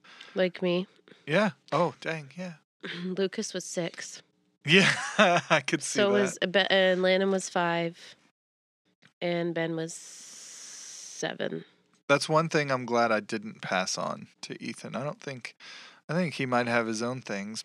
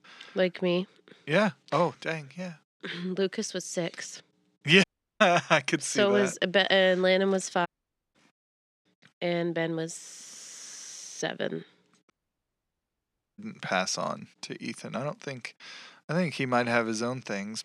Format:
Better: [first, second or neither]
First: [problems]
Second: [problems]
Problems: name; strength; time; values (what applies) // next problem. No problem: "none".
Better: first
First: none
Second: audio cutting out; at 5 s, at 7.5 s and at 12 s for 1.5 s